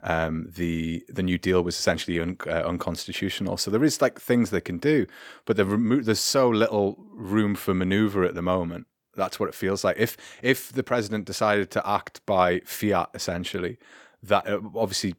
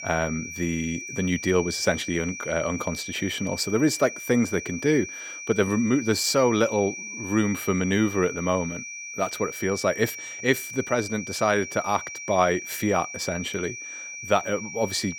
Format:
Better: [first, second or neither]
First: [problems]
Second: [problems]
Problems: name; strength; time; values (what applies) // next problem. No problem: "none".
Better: first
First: none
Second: high-pitched whine; loud; throughout; 2.5 kHz, 9 dB below the speech